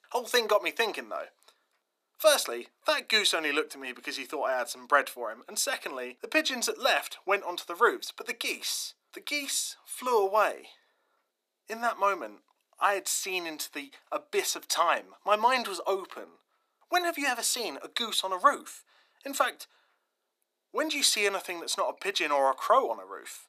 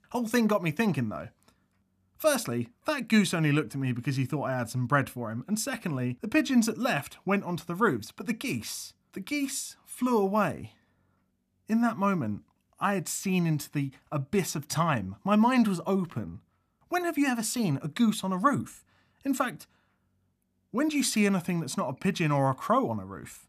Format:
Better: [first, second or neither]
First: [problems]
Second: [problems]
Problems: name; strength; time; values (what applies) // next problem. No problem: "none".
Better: second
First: thin; very; fading below 400 Hz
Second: none